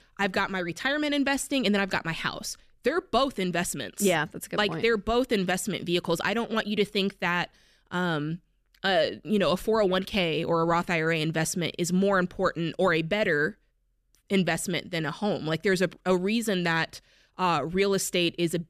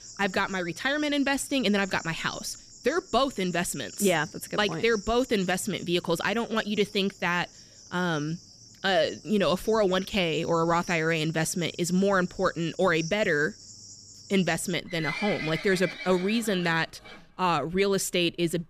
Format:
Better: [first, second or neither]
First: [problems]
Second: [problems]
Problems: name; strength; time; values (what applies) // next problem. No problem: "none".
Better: first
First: none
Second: animal sounds; noticeable; throughout; 15 dB below the speech